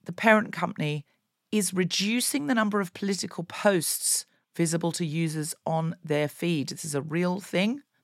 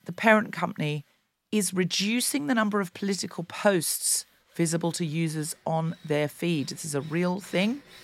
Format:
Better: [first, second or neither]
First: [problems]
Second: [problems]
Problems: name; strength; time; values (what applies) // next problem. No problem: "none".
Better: first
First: none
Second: machinery noise; faint; throughout; 30 dB below the speech